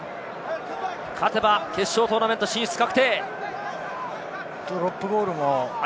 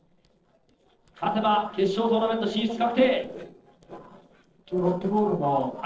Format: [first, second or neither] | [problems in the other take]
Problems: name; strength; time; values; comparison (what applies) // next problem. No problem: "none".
first | noise reduction (neural separator model SepFormer DNS4)